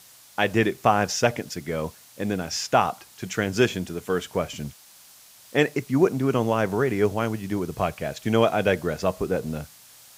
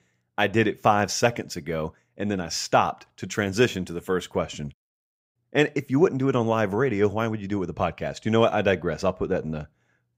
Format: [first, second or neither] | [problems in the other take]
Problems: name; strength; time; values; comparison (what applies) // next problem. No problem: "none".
second | hiss; faint; throughout; 25 dB below the speech